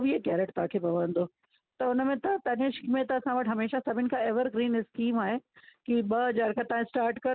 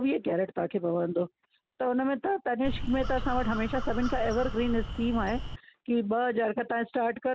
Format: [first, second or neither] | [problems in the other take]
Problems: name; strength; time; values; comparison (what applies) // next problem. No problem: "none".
first | background sound (Crow); 4 dB below the speech